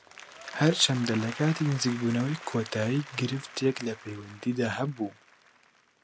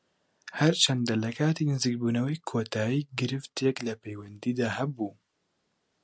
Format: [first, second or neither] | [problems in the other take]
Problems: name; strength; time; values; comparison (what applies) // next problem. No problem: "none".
second | background sound (Applause); 16 dB below the speech